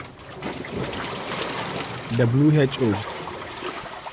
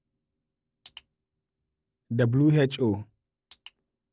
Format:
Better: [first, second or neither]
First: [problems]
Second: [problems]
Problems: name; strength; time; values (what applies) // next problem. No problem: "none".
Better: second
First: background sound (Waves, surf); 7 dB below the speech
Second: none